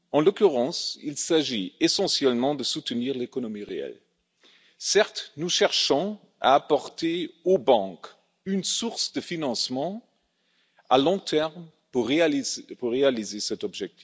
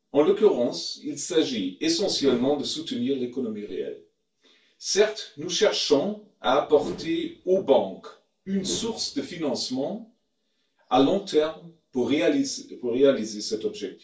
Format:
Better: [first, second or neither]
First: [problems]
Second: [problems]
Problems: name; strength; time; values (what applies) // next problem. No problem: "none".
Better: first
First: none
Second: noise reduction (neural separator model SepFormer DNS4)